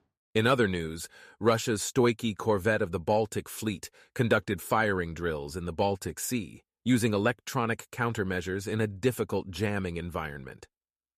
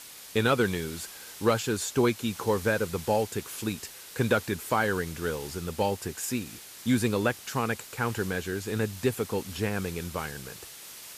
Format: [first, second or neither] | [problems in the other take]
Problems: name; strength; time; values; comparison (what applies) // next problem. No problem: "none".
first | hiss; noticeable; throughout; 15 dB below the speech